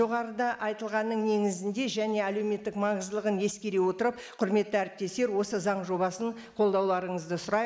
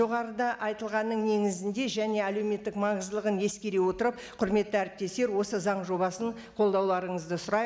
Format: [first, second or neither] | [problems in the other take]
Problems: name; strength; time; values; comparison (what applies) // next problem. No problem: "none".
second | noise reduction (neural mask model Resemble Enhance denoiser)